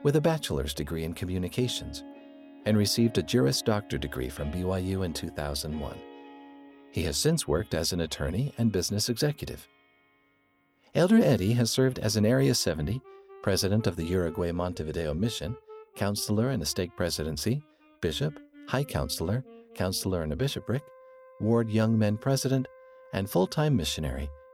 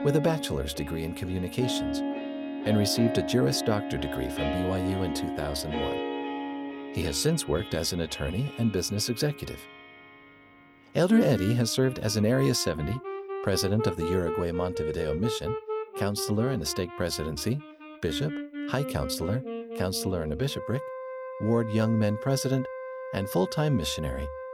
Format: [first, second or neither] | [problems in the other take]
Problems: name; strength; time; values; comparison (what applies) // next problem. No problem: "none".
first | background music; loud; throughout; 7 dB below the speech; faint in the first